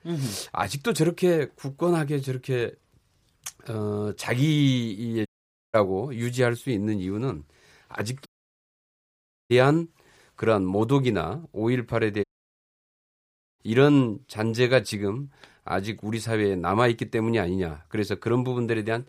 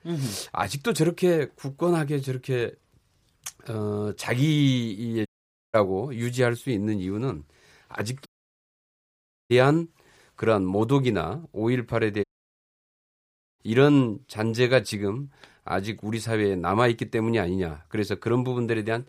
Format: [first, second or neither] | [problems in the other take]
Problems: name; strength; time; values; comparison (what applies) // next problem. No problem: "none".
neither | audio cutting out; at 5.5 s, at 8.5 s for 1 s and at 12 s for 1.5 s; the same in both